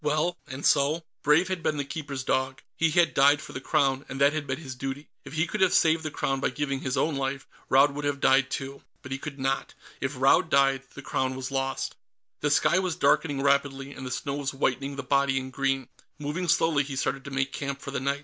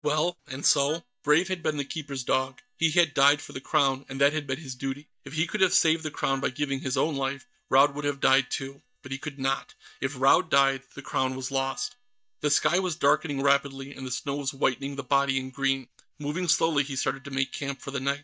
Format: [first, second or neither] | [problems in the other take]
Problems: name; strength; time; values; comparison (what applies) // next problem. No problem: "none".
first | noise reduction (neural mask model DeepFilterNet 3)